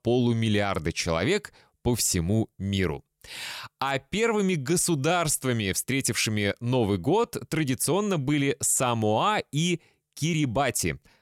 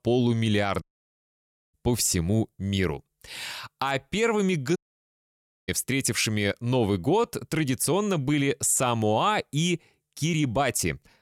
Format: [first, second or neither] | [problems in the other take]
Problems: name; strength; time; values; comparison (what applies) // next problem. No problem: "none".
first | audio cutting out; at 1 s for 1 s and at 5 s for 1 s